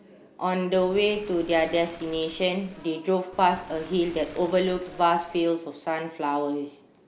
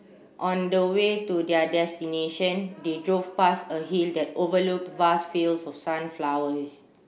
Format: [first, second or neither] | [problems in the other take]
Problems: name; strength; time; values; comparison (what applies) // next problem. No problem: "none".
second | background sound (Waves, surf); 20 dB below the speech